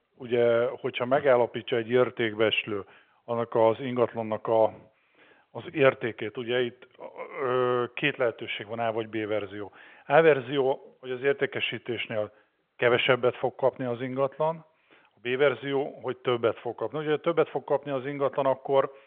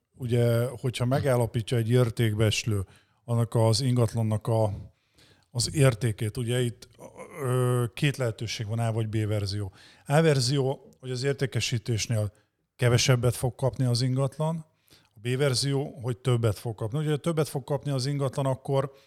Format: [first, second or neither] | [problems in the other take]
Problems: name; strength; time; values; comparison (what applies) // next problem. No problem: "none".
second | phone-call audio; nothing above 3.5 kHz